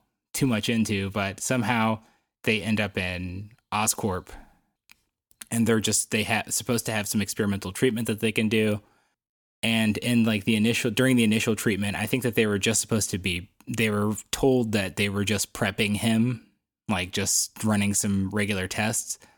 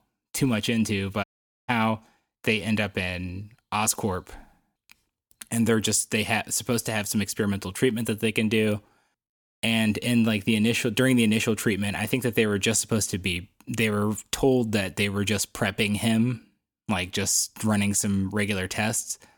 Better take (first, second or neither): first